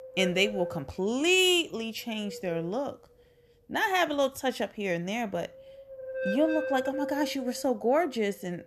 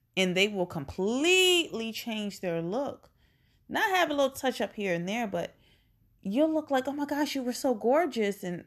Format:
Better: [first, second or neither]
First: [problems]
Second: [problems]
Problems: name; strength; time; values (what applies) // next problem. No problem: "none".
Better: second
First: wind noise on the microphone; heavy; 8 dB below the speech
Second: none